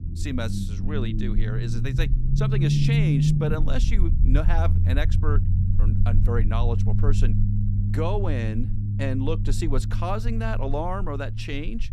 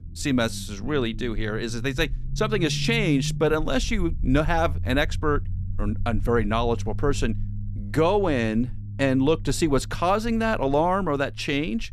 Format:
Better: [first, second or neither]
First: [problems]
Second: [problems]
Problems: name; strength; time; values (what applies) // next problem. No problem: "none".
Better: second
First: low rumble; loud; throughout; 5 dB below the speech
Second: low rumble; faint; throughout; 20 dB below the speech